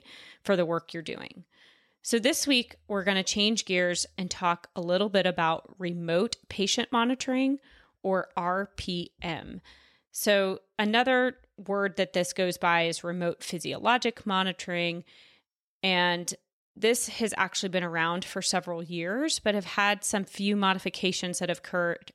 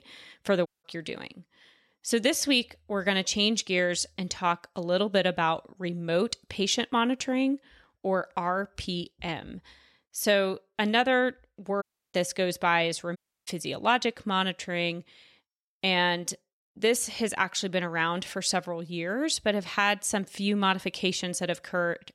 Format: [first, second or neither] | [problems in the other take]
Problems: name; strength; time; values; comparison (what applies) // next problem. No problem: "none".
first | audio cutting out; at 0.5 s, at 12 s and at 13 s